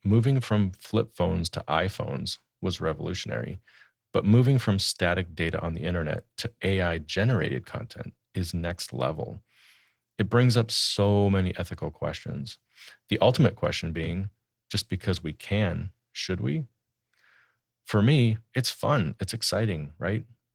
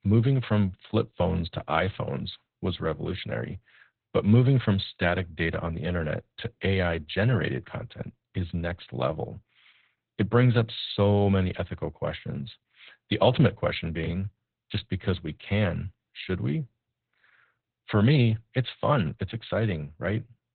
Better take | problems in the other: first | garbled, watery; badly; nothing above 4 kHz; slightly in the first

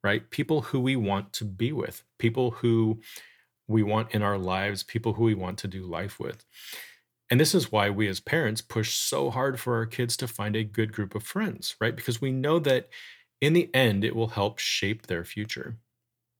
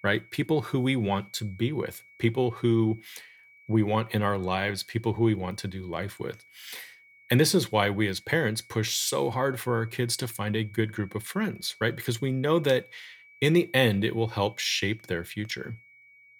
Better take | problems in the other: first | high-pitched whine; faint; throughout; 2.5 kHz, 25 dB below the speech

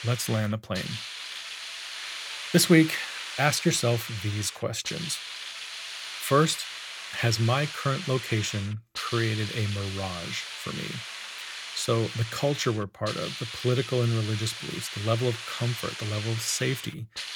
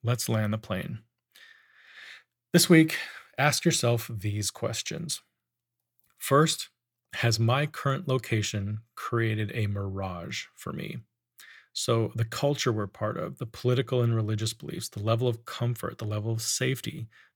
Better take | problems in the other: second | hiss; loud; throughout; 8 dB below the speech

